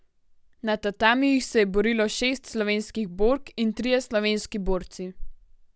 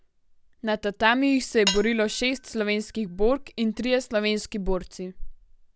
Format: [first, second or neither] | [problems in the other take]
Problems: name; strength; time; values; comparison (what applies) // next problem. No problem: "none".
first | background sound (Cutlery, silverware / Dishes, pots, and pans); 11 dB below the speech